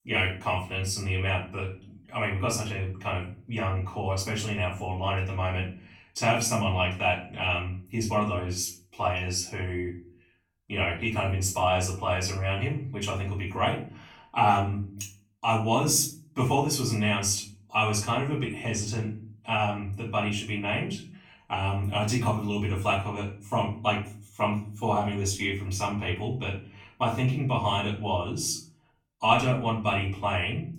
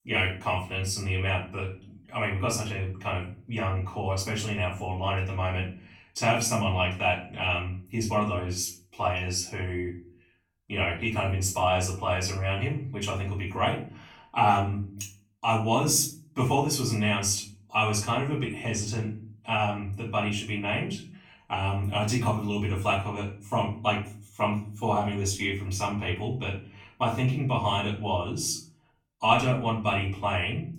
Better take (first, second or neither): neither